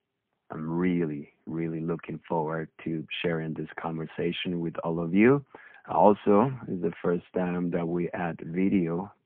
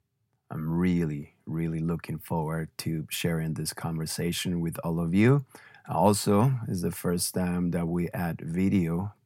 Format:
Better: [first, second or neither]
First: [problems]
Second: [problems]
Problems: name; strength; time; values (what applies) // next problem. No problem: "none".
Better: second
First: phone-call audio; poor line; nothing above 3.5 kHz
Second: none